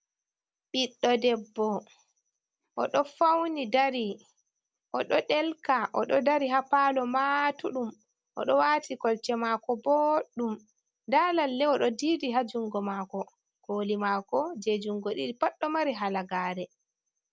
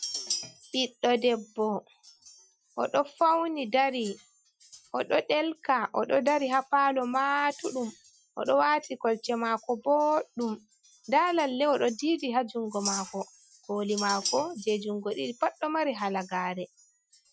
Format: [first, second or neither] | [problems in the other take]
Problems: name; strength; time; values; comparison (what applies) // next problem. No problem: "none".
first | noise reduction (classical method Wiener filter)